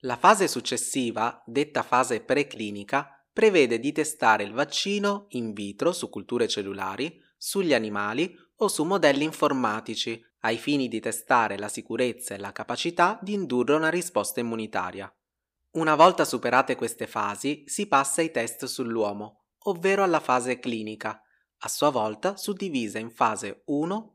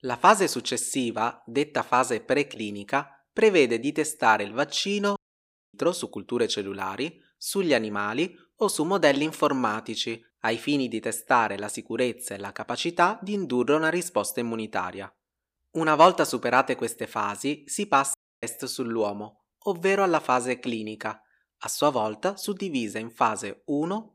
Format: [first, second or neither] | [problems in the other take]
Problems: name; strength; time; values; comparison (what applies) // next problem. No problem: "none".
first | audio cutting out; at 5 s for 0.5 s and at 18 s